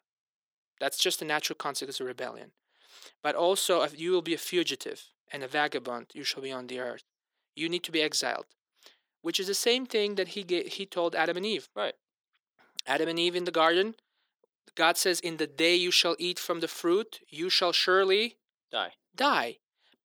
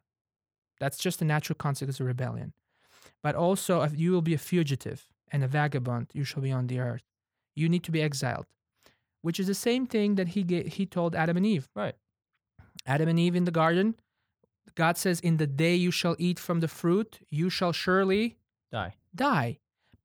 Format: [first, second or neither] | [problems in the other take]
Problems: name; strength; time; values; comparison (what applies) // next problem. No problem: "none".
second | thin; very; fading below 350 Hz